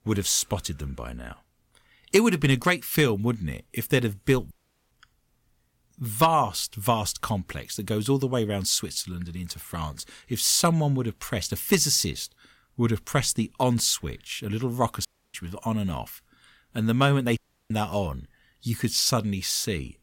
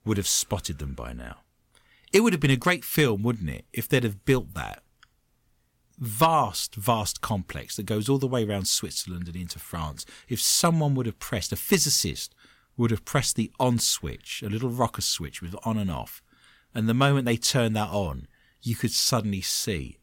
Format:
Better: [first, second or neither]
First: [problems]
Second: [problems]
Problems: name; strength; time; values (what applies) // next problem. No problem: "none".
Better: second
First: audio cutting out; at 4.5 s, at 15 s and at 17 s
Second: none